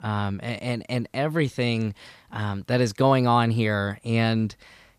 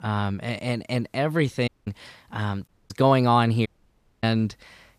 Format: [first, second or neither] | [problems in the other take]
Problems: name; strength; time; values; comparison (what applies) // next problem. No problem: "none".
first | audio cutting out; at 1.5 s, at 2.5 s and at 3.5 s for 0.5 s